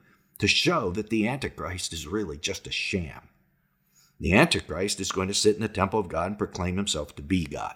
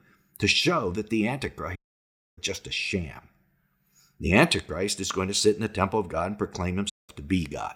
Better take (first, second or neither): first